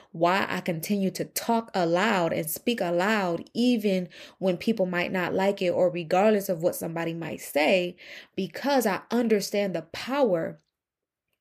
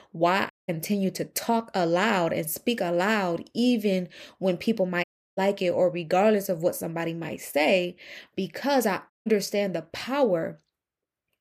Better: first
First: none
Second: audio cutting out; at 0.5 s, at 5 s and at 9 s

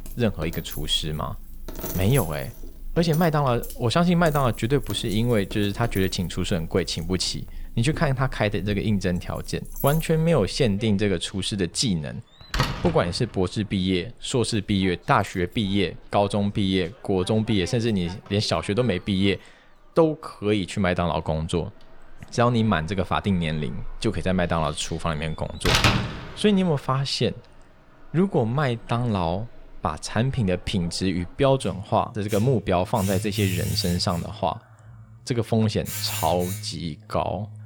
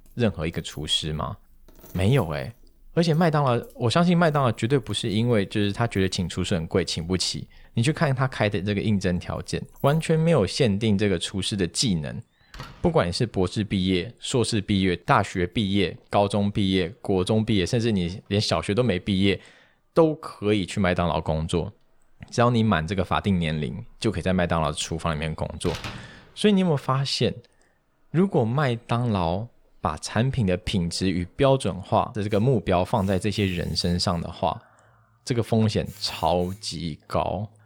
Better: second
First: household noises; loud; throughout; 8 dB below the speech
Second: household noises; faint; throughout; 25 dB below the speech

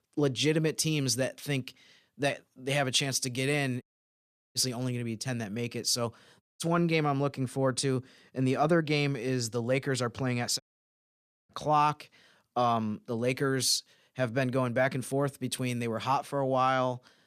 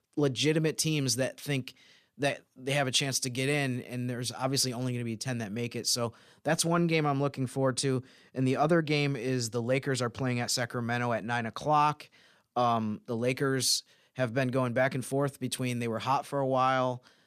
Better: second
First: audio cutting out; at 4 s for 0.5 s, at 6.5 s and at 11 s for 1 s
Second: none

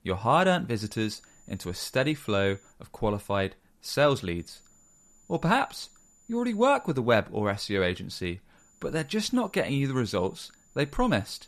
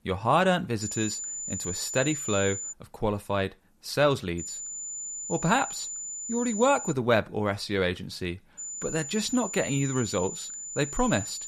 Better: first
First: high-pitched whine; faint; from 1 to 2.5 s, from 4.5 to 7 s and from 8.5 s on; 7 kHz, 30 dB below the speech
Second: high-pitched whine; loud; from 1 to 2.5 s, from 4.5 to 7 s and from 8.5 s on; 7 kHz, 6 dB below the speech

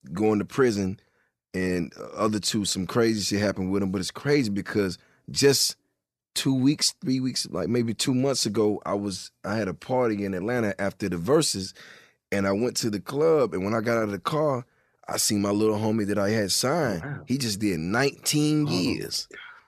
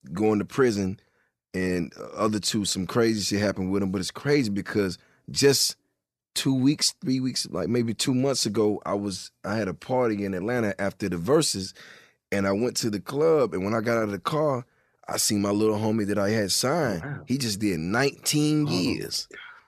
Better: neither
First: none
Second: none

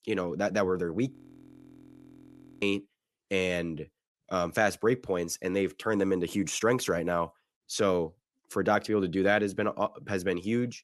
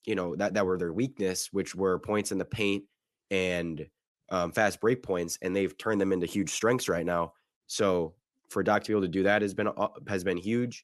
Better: second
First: audio freezing; at 1 s for 1.5 s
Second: none

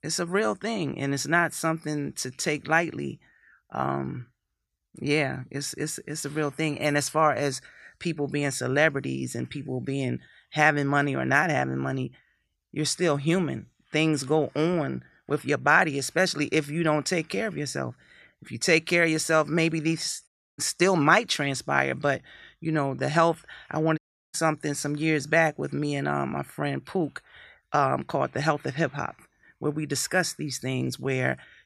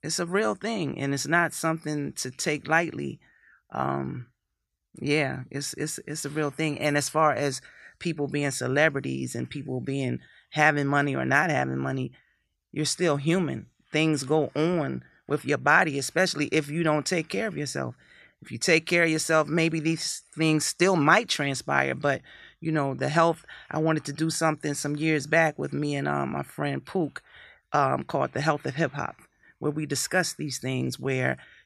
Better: second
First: audio cutting out; at 20 s and at 24 s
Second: none

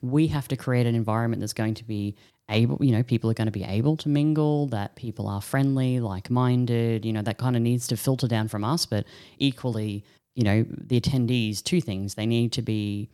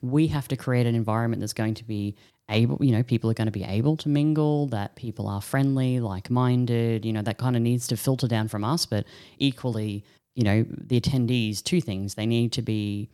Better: neither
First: none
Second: none

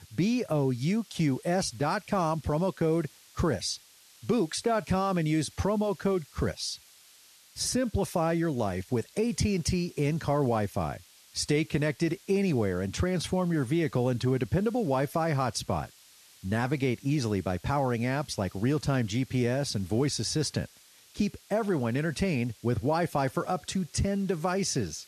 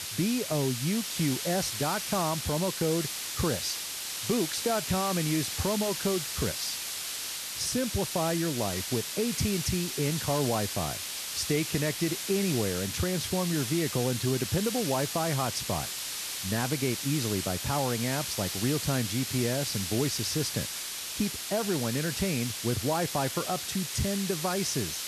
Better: first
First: hiss; faint; throughout; 25 dB below the speech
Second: hiss; loud; throughout; 2 dB below the speech

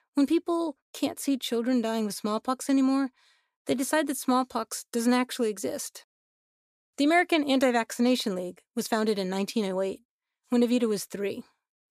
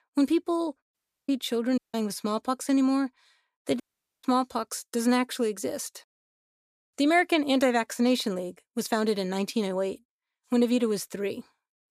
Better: first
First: none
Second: audio cutting out; at 1 s, at 2 s and at 4 s

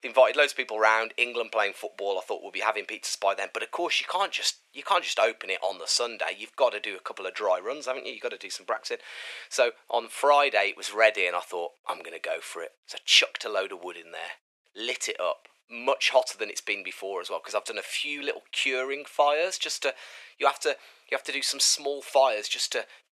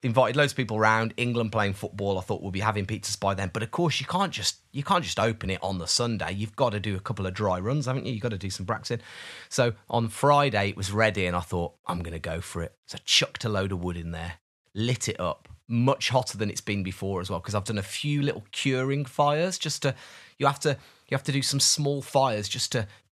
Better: second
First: thin; very; fading below 350 Hz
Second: none

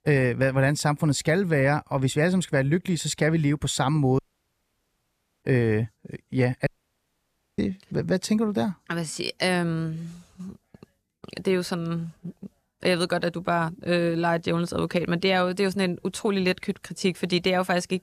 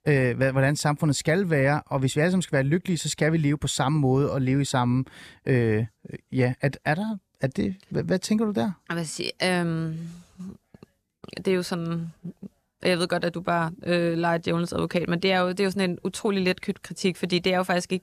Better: second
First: audio cutting out; at 4 s for 1 s and at 6.5 s for 1 s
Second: none

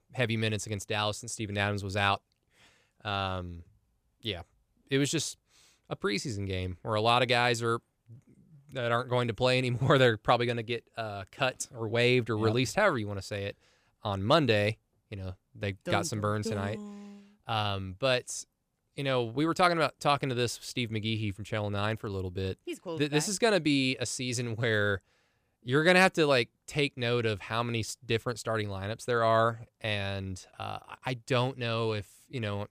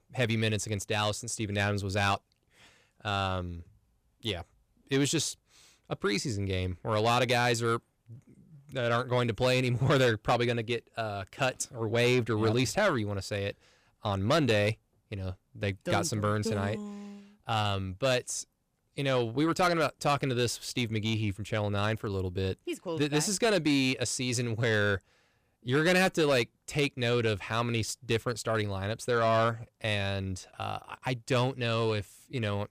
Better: first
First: none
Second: distortion; slight; 10 dB below the speech

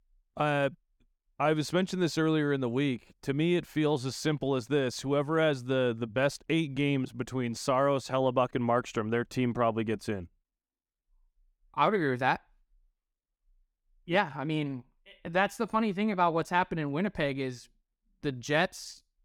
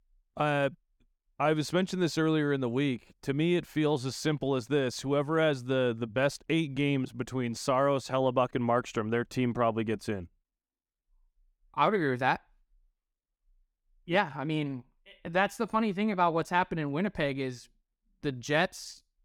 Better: neither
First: none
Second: none

